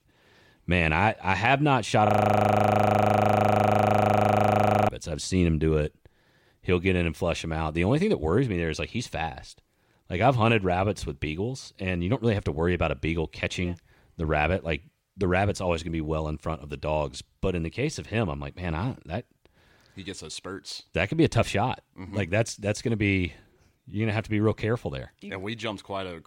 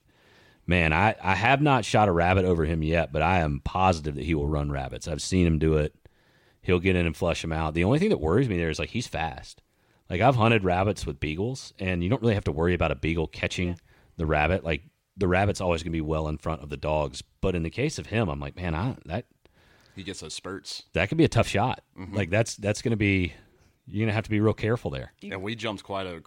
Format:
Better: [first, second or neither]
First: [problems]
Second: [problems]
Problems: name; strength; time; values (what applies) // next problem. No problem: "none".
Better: second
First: audio freezing; at 2 s for 3 s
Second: none